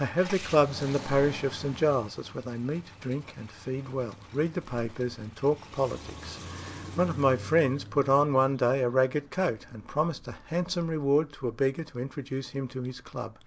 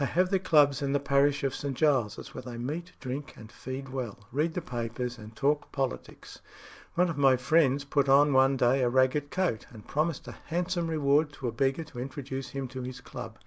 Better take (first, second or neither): second